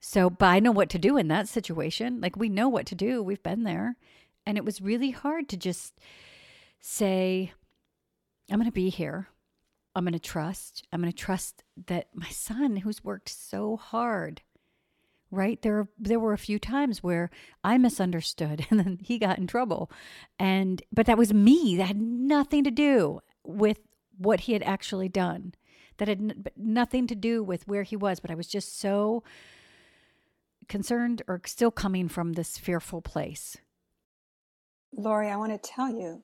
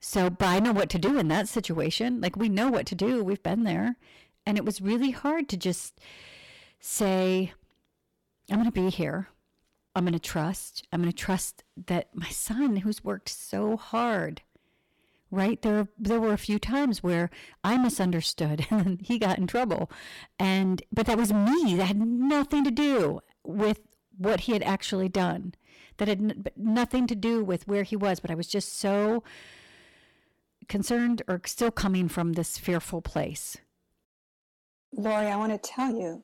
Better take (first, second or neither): first